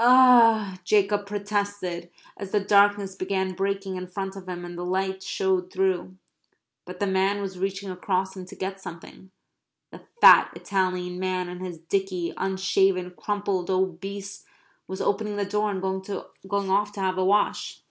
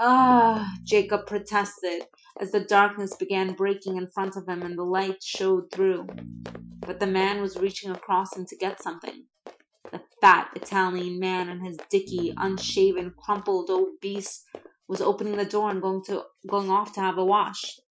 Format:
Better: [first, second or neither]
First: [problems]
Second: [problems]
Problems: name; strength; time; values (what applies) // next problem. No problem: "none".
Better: first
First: none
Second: noise reduction (classical method Wiener filter)